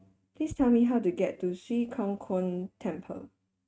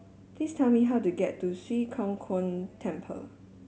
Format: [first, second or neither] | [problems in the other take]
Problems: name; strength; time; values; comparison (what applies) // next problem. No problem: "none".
second | noise reduction (neural mask model RNNoise)